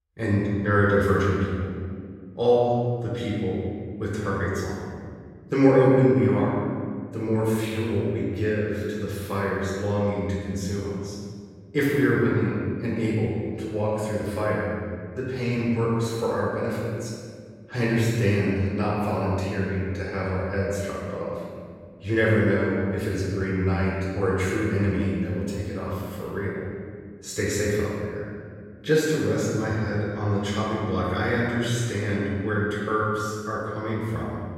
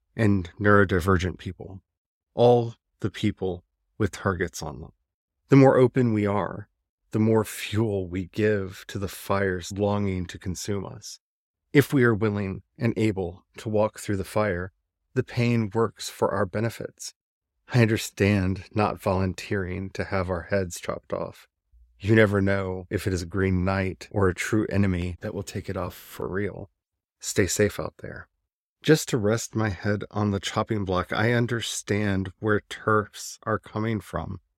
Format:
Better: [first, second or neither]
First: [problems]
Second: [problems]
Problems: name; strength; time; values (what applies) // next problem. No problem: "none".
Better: second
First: room echo; strong; dies away in 1.8 s // off-mic speech; far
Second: none